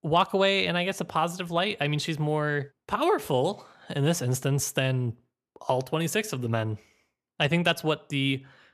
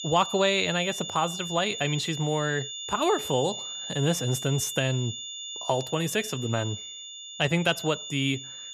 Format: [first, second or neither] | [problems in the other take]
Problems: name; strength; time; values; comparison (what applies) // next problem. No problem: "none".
first | high-pitched whine; loud; throughout; 3.5 kHz, 7 dB below the speech